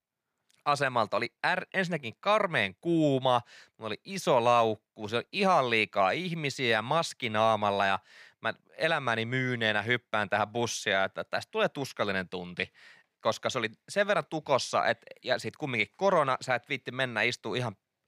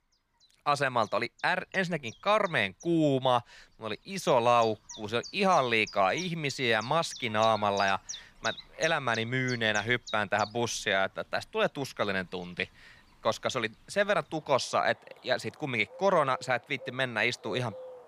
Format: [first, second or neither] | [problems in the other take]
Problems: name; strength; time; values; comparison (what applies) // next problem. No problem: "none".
first | animal sounds; noticeable; throughout; 15 dB below the speech